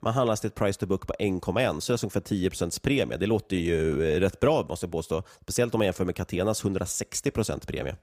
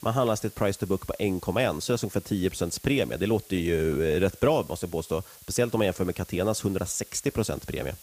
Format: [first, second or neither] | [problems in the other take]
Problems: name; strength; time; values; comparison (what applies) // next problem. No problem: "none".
first | hiss; noticeable; throughout; 20 dB below the speech